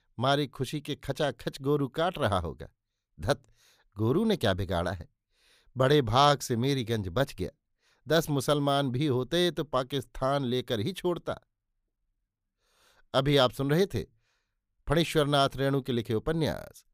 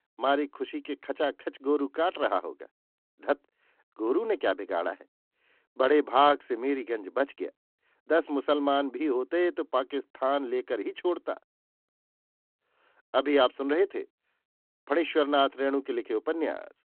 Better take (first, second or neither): first